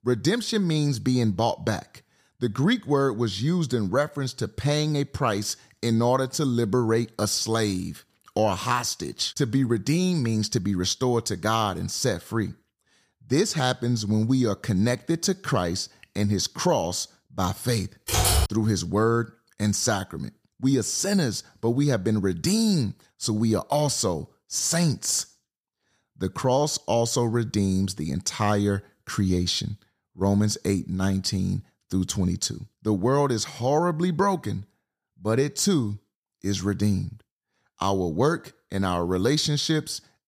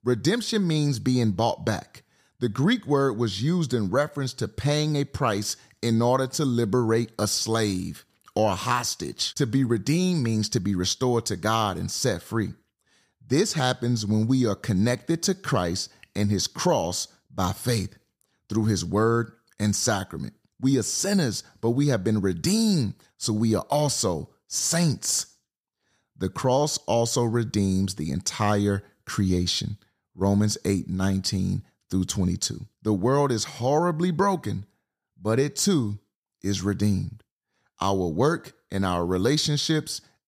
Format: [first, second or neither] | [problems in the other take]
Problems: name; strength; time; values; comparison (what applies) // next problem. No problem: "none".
second | keyboard typing; loud; at 18 s; peak 4 dB above the speech